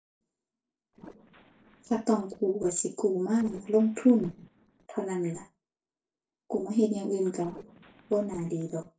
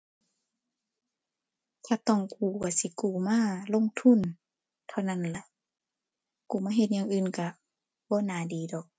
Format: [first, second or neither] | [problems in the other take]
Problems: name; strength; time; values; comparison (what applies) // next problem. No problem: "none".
second | noise reduction (neural separator model SepFormer DNS4)